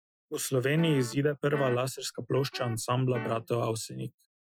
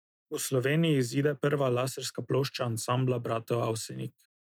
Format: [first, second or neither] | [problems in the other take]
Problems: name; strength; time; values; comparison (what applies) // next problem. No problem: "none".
second | noise reduction (classical method Wiener filter)